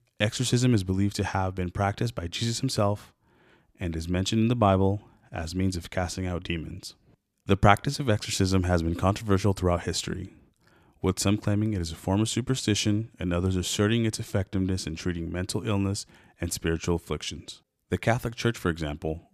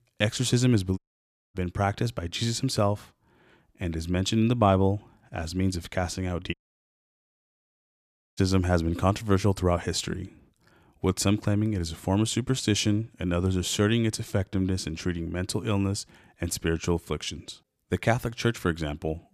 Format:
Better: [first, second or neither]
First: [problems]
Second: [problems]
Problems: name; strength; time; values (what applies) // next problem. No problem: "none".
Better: first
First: none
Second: audio cutting out; at 1 s for 0.5 s and at 6.5 s for 2 s